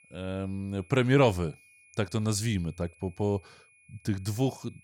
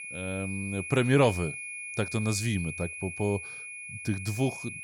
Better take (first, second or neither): first